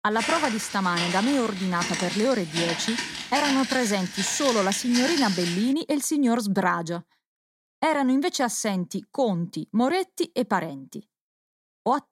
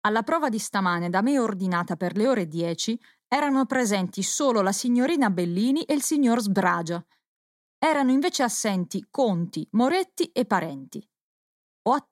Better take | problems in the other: second | footsteps; noticeable; until 5.5 s; peak 1 dB below the speech

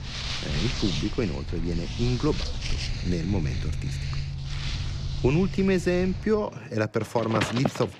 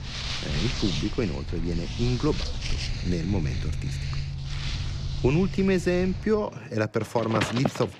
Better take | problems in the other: neither | animal sounds; loud; throughout; 5 dB below the speech; the same in both

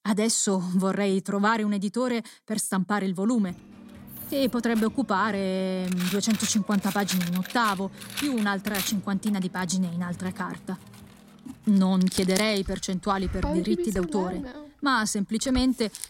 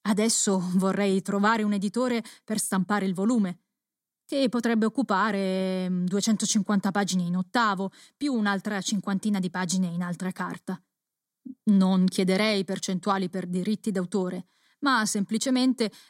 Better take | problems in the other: second | household noises; loud; from 3.5 s on; 9 dB below the speech

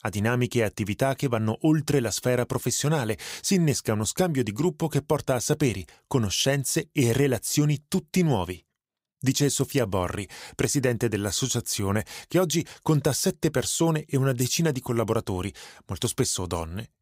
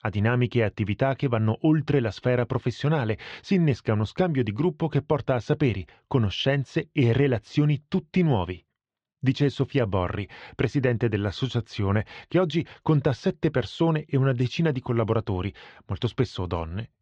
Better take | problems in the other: first | muffled; very; fading above 3.5 kHz

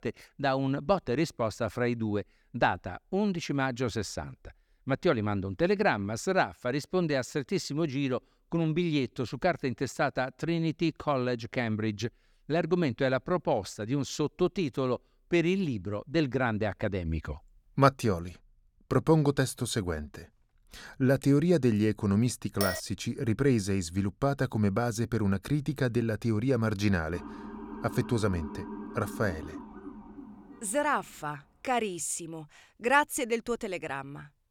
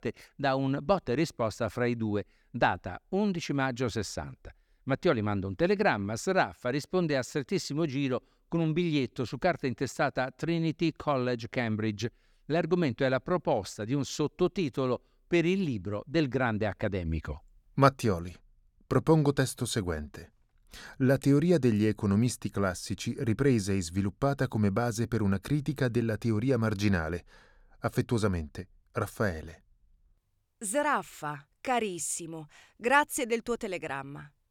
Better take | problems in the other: second | clattering dishes; noticeable; at 23 s; peak 4 dB below the speech // siren; faint; from 27 to 31 s; peak 10 dB below the speech

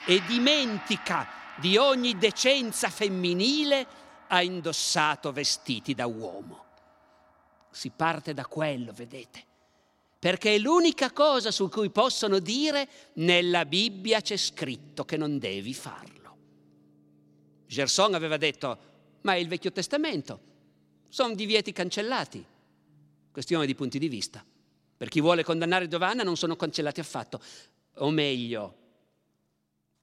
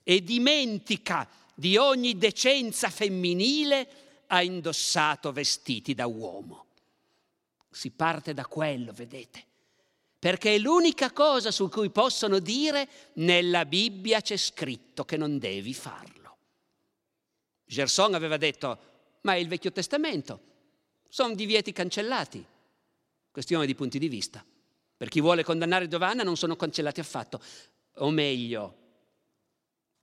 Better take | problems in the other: second | background music; noticeable; throughout; 20 dB below the speech

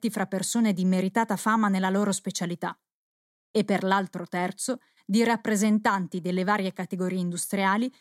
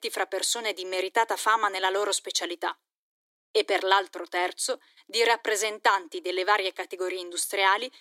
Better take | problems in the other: first | thin; very; fading below 300 Hz

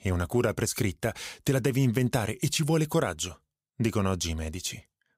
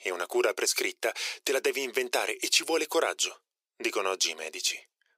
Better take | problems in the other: first | thin; very; fading below 350 Hz

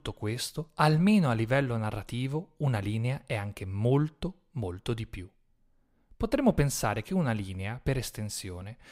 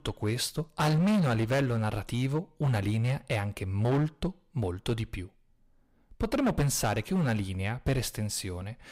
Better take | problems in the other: first | distortion; heavy; 10% of the sound clipped

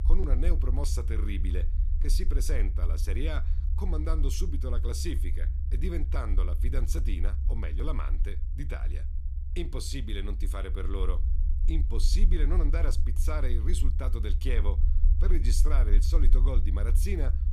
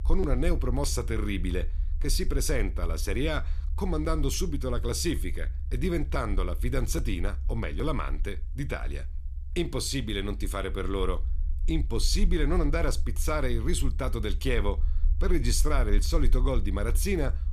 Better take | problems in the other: second | low rumble; loud; throughout; 10 dB below the speech; faint in the second

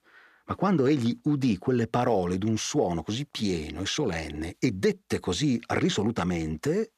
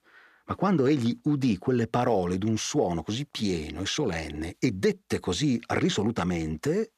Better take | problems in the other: neither | none

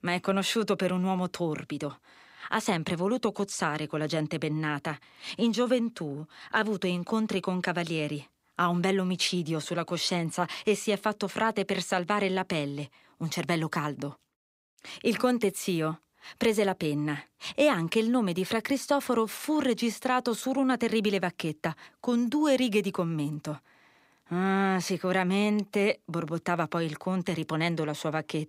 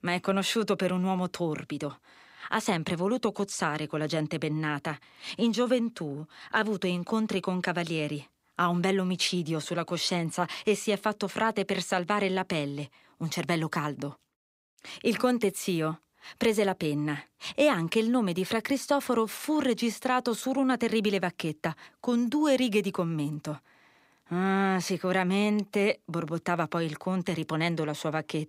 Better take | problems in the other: neither | none

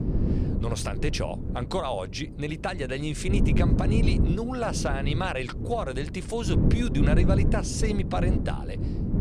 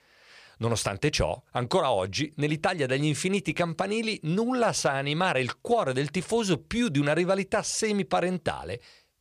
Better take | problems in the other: second | wind noise on the microphone; heavy; 5 dB below the speech

